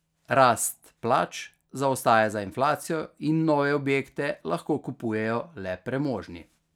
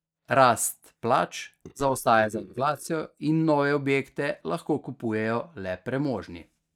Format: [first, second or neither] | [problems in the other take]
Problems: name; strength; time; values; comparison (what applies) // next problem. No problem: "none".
first | noise reduction (neural mask model DeepFilterNet 3)